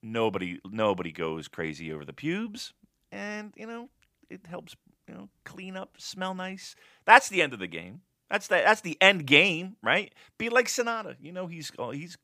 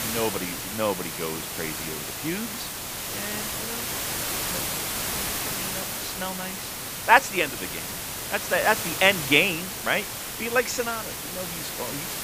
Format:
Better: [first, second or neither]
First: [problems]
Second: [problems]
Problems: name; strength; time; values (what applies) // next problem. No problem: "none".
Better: first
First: none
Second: hiss; loud; throughout; 4 dB below the speech